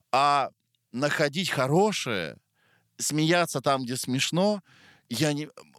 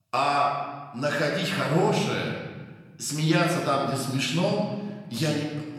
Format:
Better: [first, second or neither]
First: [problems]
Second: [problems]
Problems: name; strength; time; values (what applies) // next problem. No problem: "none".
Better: first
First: none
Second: off-mic speech; far // room echo; noticeable; dies away in 1.4 s